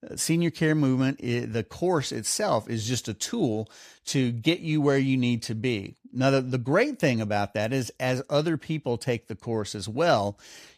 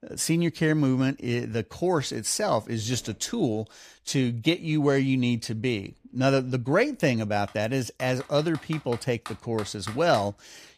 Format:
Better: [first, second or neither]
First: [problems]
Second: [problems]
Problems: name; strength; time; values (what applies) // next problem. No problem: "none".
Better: first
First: none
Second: household noises; noticeable; throughout; 20 dB below the speech